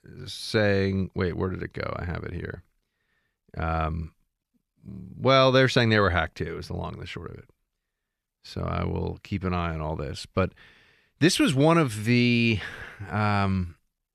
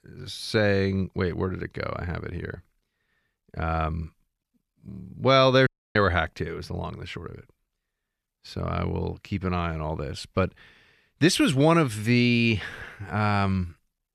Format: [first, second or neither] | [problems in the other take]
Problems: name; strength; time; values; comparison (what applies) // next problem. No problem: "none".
first | audio cutting out; at 5.5 s